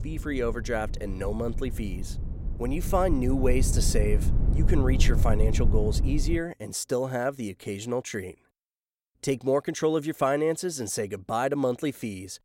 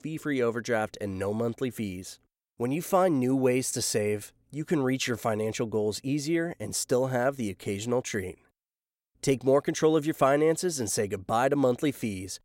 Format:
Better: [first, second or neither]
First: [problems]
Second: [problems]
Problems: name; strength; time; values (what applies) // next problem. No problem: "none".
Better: second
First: low rumble; noticeable; until 6.5 s; 15 dB below the speech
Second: none